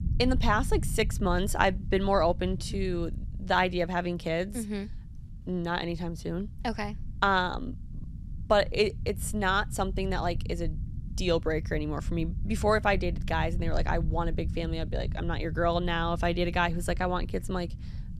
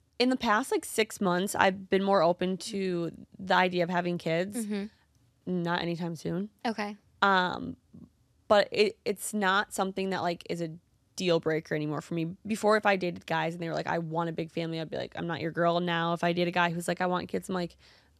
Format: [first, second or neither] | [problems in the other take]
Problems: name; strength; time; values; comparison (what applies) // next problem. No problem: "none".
second | low rumble; faint; throughout; 20 dB below the speech